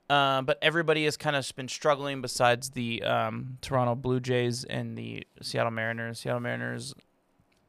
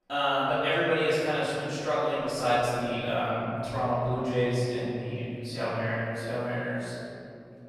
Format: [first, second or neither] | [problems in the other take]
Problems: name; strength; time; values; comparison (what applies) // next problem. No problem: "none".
first | off-mic speech; far // room echo; strong; dies away in 2.6 s